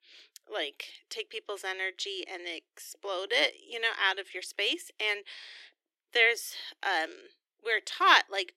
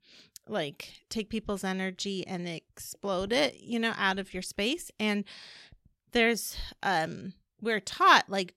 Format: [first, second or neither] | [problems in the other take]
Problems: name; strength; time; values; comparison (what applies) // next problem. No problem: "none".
second | thin; very; fading below 300 Hz